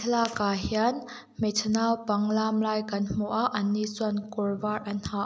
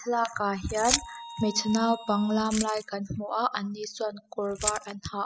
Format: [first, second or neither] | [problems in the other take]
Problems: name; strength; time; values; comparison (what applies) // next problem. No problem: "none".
first | noise reduction (classical method spectral subtraction)